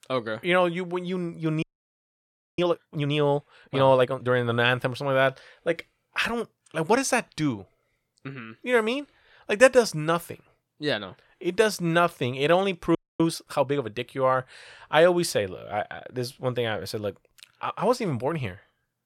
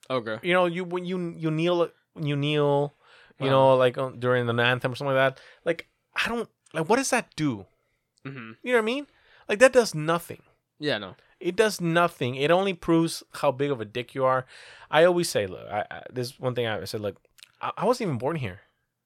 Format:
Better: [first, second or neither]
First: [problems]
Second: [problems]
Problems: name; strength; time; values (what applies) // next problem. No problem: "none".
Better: second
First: audio freezing; at 1.5 s for 1 s and at 13 s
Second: none